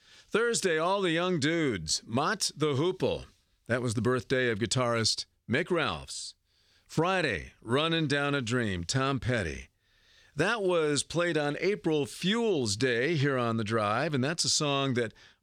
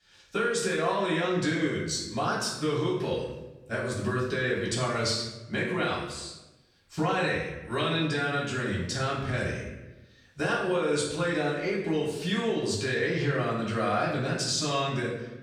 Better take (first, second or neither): first